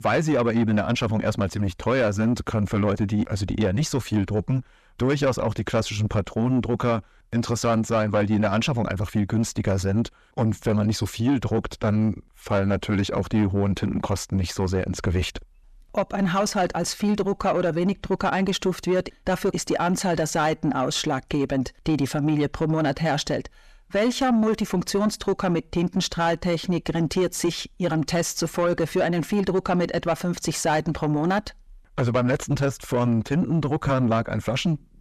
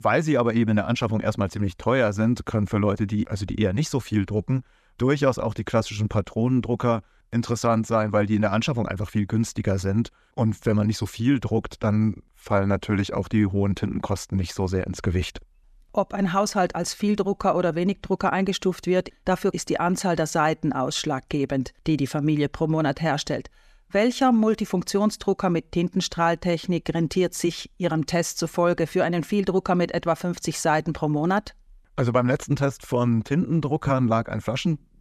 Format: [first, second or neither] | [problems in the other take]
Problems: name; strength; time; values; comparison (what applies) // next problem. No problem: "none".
second | distortion; slight; 10 dB below the speech